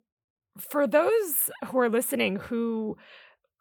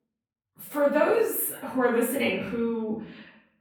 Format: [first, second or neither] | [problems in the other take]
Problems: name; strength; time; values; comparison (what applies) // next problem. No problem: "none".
first | off-mic speech; far // room echo; noticeable; dies away in 0.6 s